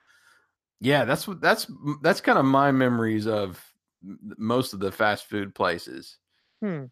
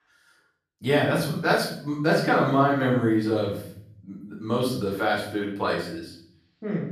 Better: first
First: none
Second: room echo; noticeable; dies away in 0.6 s // off-mic speech; far

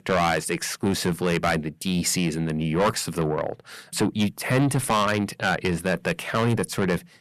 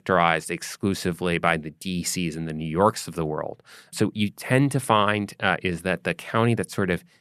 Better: second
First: distortion; heavy; 6 dB below the speech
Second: none

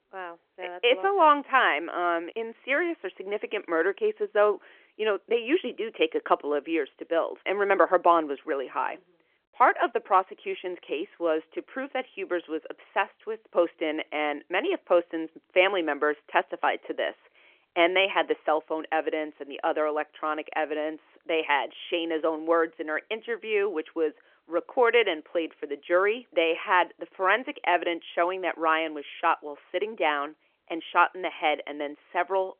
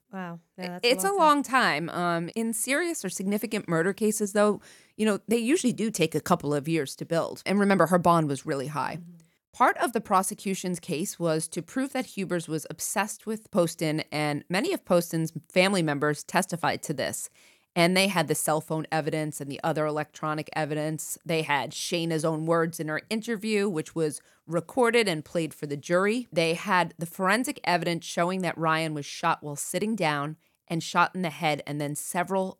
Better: second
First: phone-call audio; nothing above 3.5 kHz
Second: none

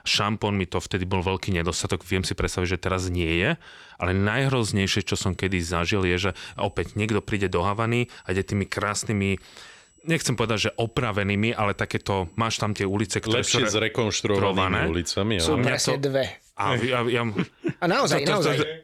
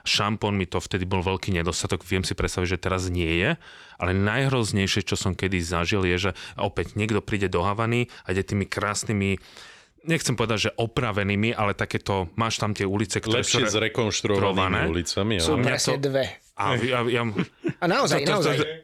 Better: second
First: high-pitched whine; faint; from 4.5 to 13 s; 8 kHz, 35 dB below the speech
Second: none

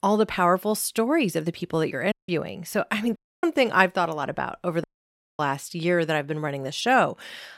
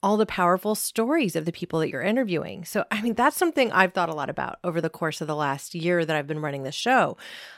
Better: second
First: audio cutting out; at 2 s, at 3 s and at 5 s for 0.5 s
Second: none

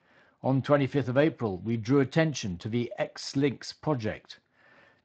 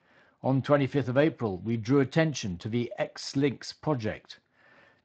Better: neither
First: garbled, watery; slightly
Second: garbled, watery; slightly

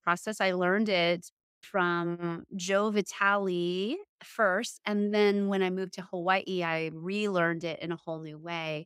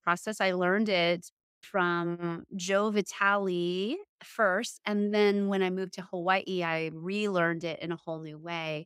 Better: neither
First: none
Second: none

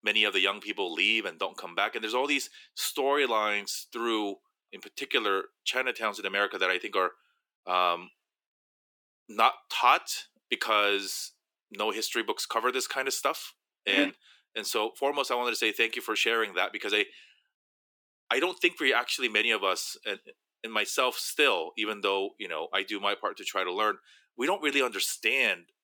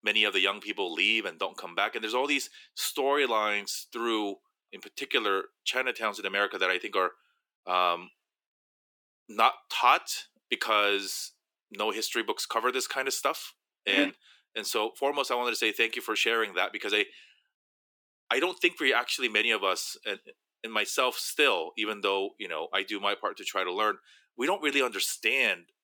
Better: neither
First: thin; somewhat; fading below 350 Hz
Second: thin; somewhat; fading below 350 Hz

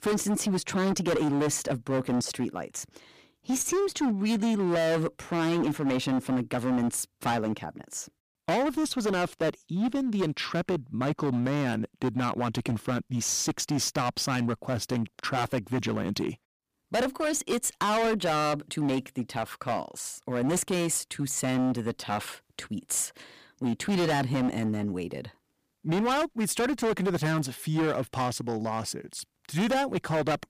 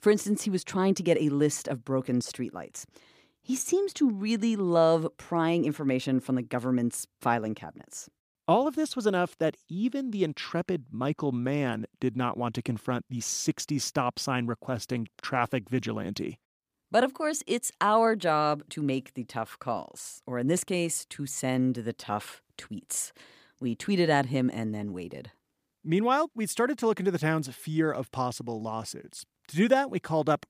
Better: second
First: distortion; heavy; 17% of the sound clipped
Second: none

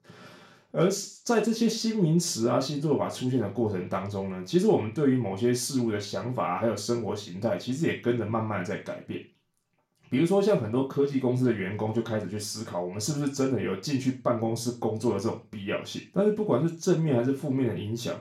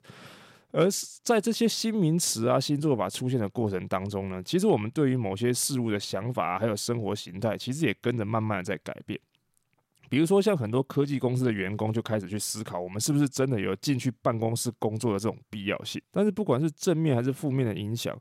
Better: second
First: room echo; slight; dies away in 0.3 s // off-mic speech; somewhat distant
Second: none

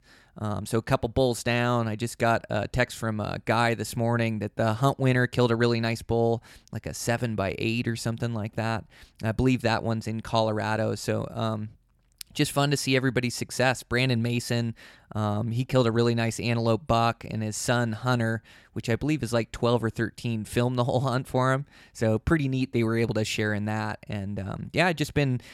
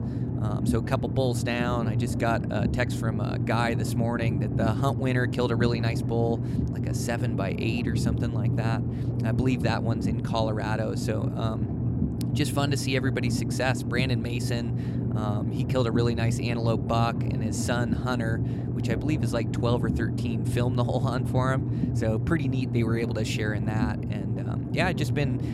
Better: first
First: none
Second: low rumble; loud; throughout; 6 dB below the speech

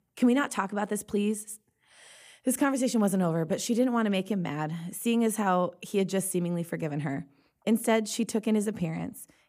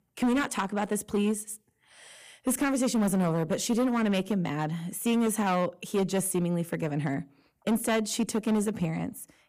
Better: first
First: none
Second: distortion; slight; 9% of the sound clipped

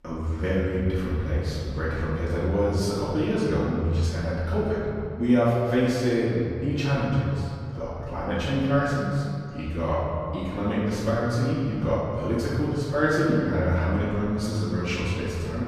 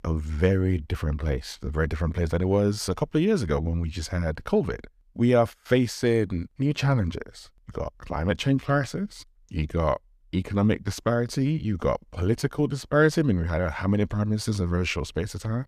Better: second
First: room echo; strong; dies away in 2.2 s // off-mic speech; far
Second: none

